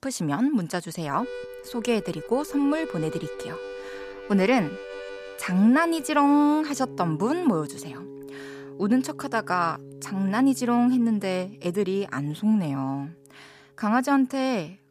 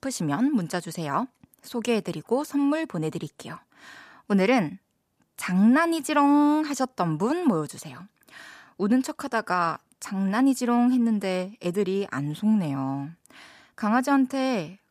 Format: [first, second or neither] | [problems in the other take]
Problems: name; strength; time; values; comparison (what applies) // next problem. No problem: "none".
second | background music; noticeable; throughout; 15 dB below the speech